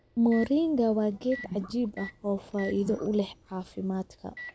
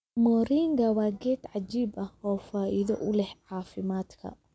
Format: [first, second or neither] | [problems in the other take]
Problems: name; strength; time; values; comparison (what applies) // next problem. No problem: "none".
second | background sound (Gurgling / Liquid + Microwave oven); 16 dB below the speech